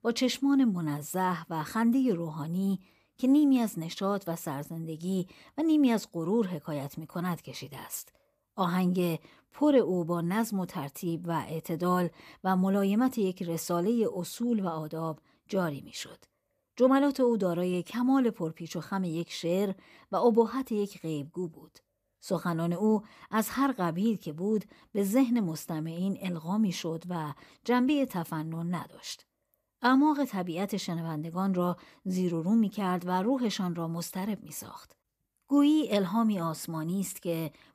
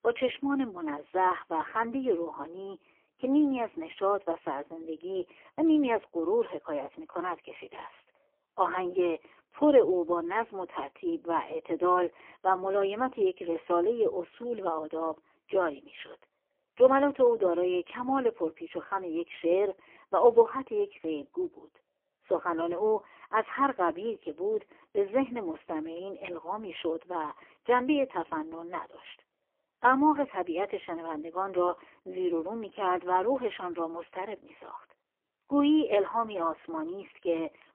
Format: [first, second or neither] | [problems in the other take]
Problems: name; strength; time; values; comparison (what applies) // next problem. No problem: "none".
first | phone-call audio; poor line; nothing above 3.5 kHz